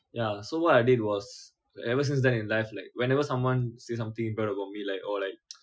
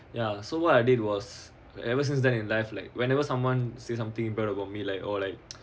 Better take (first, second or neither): second